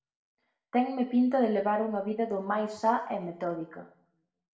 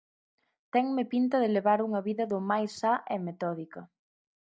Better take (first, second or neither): second